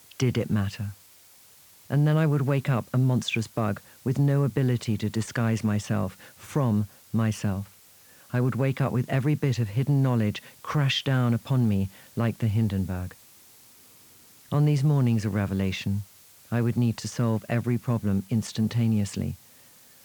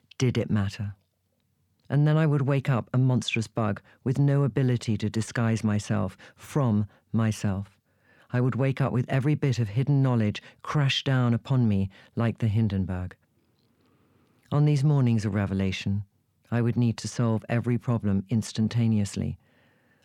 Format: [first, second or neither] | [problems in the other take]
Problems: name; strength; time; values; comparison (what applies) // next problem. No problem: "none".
second | hiss; faint; throughout; 25 dB below the speech